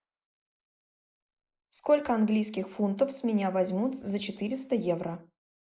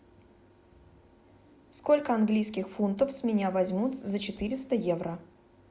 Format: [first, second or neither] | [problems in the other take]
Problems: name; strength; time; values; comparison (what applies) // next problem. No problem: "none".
second | noise reduction (neural mask model Resemble Enhance denoiser)